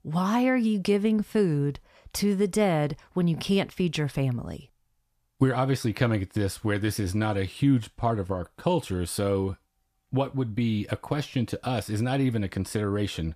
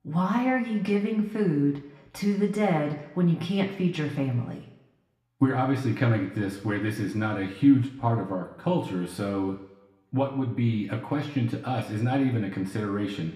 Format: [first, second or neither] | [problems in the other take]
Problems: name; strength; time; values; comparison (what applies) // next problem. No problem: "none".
first | room echo; slight; dies away in 1 s // off-mic speech; far